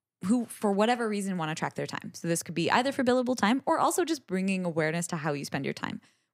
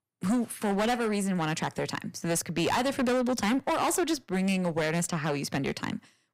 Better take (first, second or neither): first